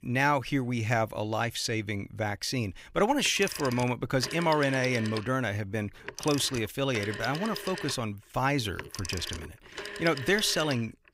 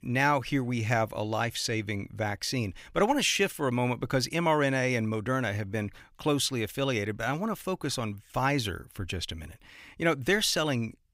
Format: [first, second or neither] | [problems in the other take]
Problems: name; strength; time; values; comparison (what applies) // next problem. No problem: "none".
second | phone ringing; noticeable; from 3 s on; peak 8 dB below the speech